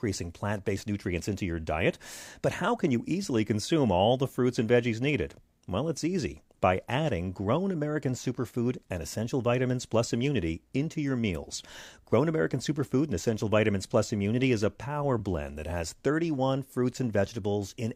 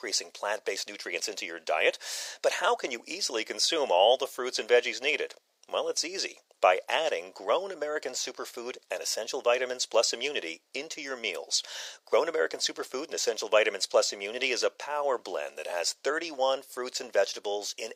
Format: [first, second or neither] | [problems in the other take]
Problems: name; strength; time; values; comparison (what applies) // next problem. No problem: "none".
first | thin; very; fading below 500 Hz